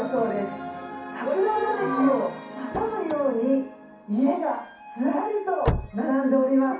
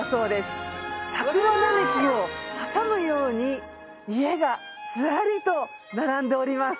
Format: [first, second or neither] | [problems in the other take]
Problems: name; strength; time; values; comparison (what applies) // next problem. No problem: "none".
second | background sound (Slam / Car); 9 dB below the speech // room echo; dies away in 0.6 s